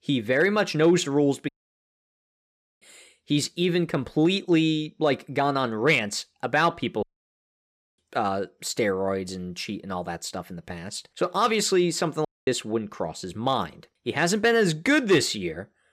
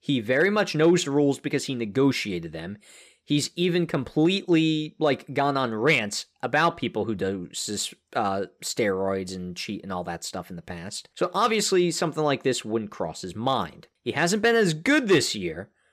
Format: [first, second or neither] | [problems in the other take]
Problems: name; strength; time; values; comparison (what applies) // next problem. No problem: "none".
second | audio cutting out; at 1.5 s for 1.5 s, at 7 s for 1 s and at 12 s